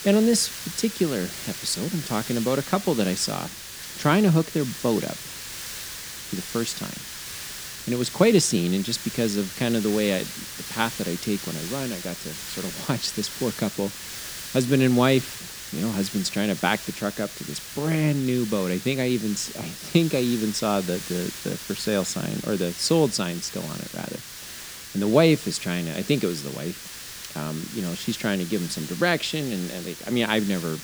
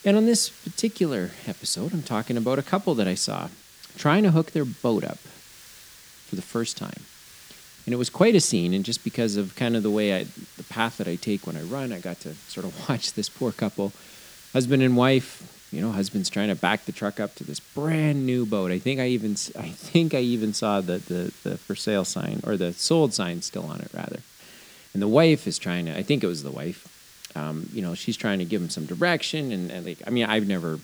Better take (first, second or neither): second